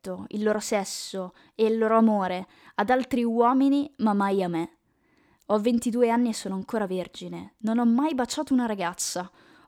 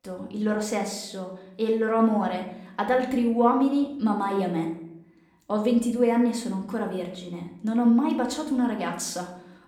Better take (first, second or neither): first